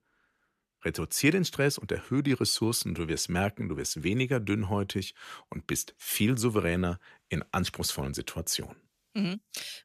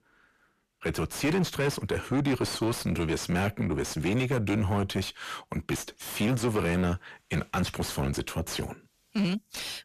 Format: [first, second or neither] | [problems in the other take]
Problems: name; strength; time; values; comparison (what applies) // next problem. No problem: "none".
first | distortion; heavy; 5 dB below the speech